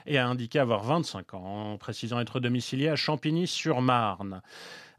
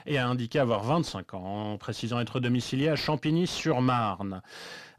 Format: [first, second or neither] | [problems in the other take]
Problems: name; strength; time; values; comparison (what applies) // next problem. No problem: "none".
first | distortion; slight; 10 dB below the speech